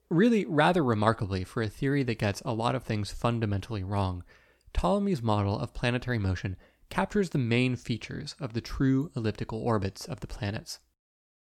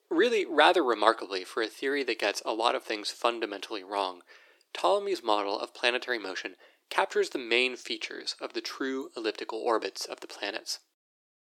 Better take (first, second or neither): first